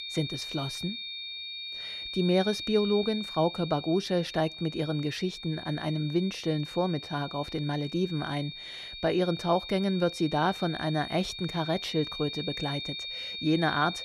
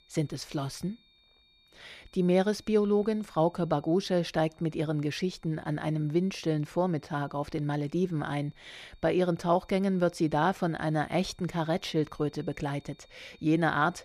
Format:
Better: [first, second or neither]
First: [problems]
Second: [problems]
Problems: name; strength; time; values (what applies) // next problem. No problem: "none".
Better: second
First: high-pitched whine; loud; throughout; 3.5 kHz, 7 dB below the speech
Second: high-pitched whine; faint; throughout; 3.5 kHz, 35 dB below the speech